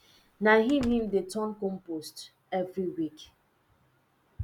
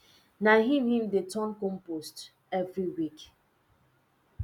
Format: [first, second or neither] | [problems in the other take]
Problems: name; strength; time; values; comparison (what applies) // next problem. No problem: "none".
second | background sound (Slam); 16 dB below the speech